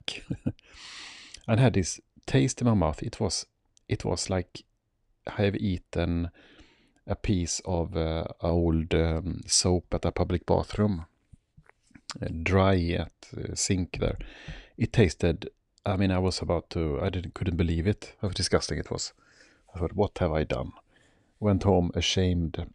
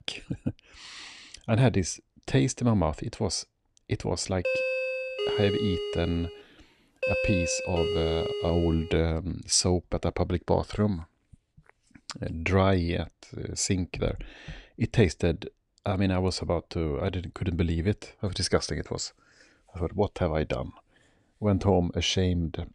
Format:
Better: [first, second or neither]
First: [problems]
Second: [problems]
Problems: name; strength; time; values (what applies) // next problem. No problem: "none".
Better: first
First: none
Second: doorbell; loud; from 4.5 to 9 s; peak 1 dB above the speech